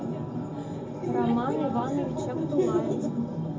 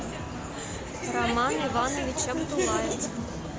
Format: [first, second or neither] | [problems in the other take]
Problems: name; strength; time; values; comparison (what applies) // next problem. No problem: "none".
second | room echo; dies away in 0.4 s